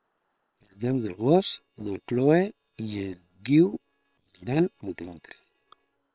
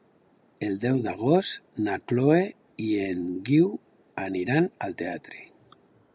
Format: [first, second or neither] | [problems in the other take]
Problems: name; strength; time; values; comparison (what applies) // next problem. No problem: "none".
second | noise reduction (neural separator model SepFormer WHAM!)